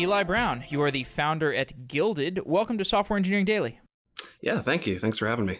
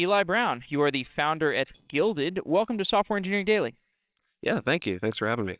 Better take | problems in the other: first | noise reduction (neural separator model SepFormer WHAMR!)

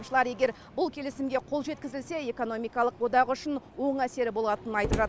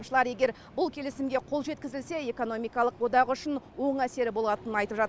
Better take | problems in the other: second | background sound (Slam); 12 dB below the speech

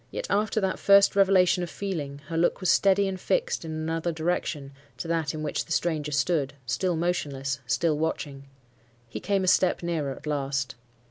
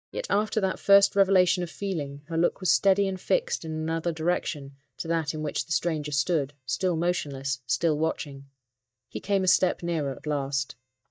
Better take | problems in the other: first | noise reduction (neural mask model DeepFilterNet 3)

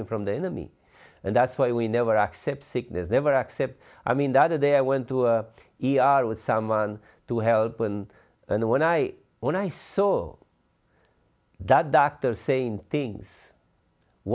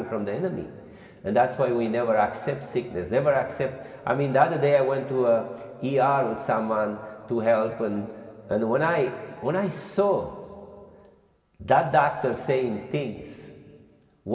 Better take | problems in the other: first | room echo; dies away in 2.2 s

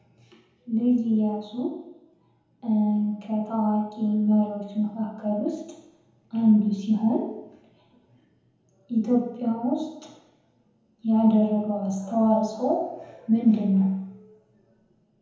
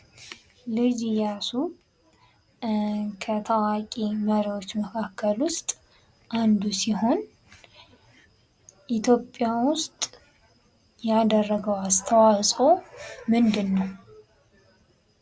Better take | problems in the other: second | room echo; dies away in 0.9 s

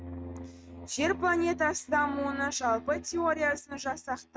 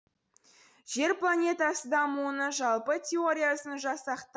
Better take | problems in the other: second | noise reduction (neural mask model RNNoise)

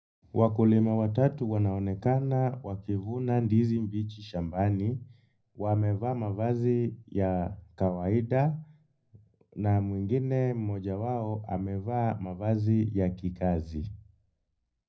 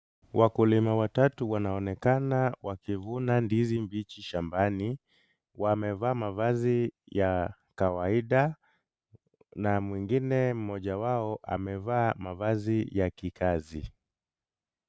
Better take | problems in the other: second | room echo; dies away in 0.4 s

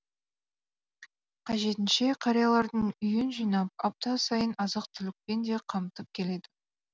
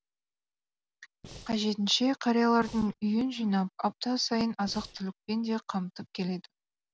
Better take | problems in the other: first | background sound (Breathing); 17 dB below the speech

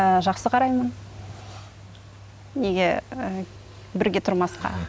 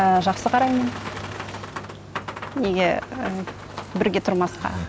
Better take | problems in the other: first | background sound (Boat, Water vehicle); 11 dB below the speech

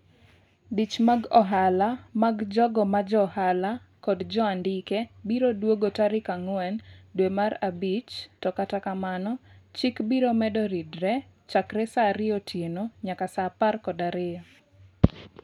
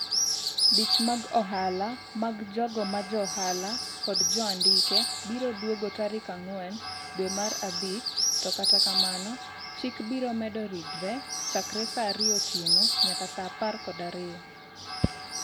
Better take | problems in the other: first | background sound (Bird); 3 dB above the speech

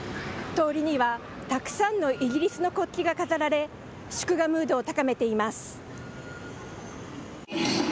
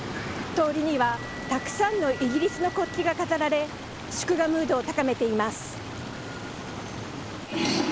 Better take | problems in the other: first | background sound (Bell + Stream); 11 dB below the speech

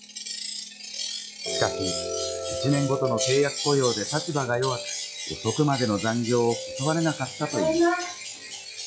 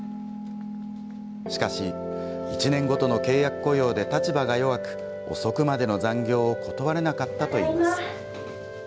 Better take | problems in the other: second | noise reduction (classical method log-MMSE)

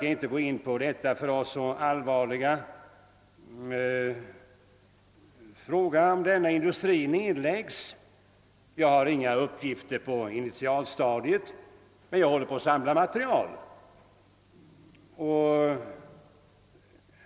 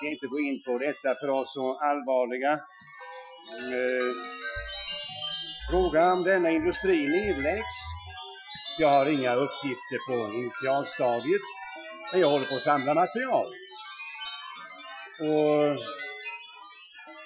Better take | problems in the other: first | noise reduction (classical method Wiener filter)

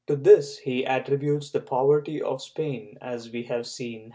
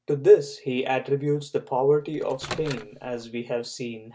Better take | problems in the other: first | background sound (Microwave oven); 15 dB below the speech

